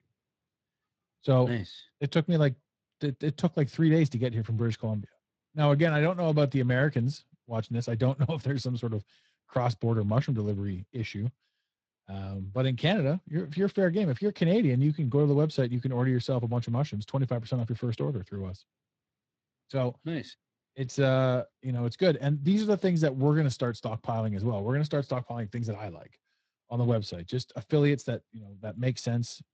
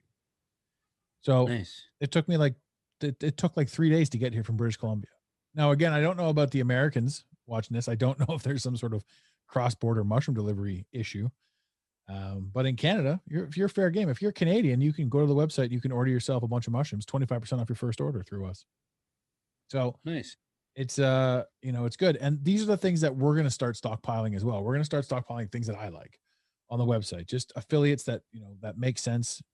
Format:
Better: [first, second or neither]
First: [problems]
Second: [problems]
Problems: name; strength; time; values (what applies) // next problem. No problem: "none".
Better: second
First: garbled, watery; slightly; nothing above 8 kHz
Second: none